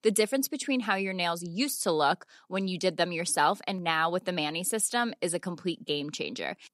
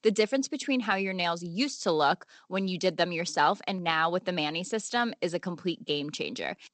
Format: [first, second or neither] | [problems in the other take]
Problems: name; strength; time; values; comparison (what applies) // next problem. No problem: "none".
first | garbled, watery; slightly; nothing above 8 kHz